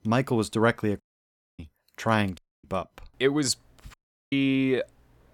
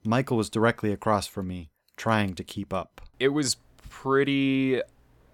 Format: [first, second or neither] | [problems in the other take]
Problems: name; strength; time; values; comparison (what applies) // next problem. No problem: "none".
second | audio cutting out; at 1 s for 0.5 s, at 2.5 s and at 4 s